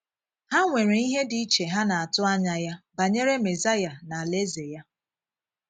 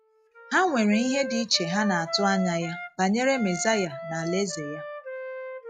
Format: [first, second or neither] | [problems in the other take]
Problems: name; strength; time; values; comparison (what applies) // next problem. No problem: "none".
first | noise reduction (classical method log-MMSE)